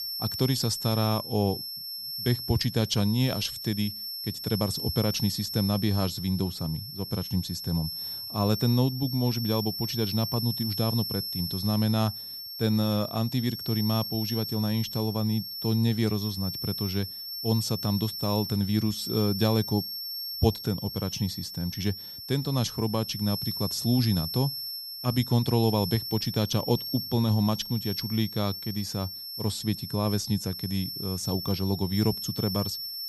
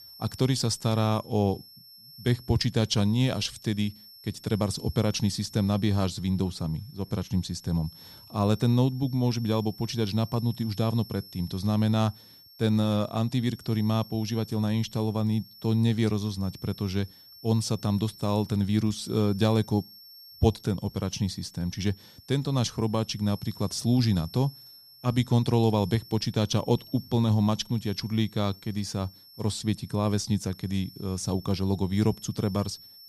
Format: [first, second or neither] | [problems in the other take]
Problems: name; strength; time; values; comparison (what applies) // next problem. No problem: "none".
second | high-pitched whine; loud; throughout; 5.5 kHz, 5 dB below the speech; faint in the second